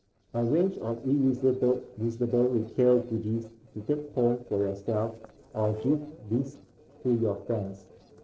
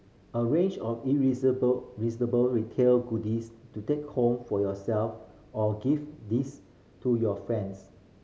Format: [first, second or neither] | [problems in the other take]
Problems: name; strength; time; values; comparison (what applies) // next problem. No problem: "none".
second | noise reduction (neural separator model SepFormer DNS4)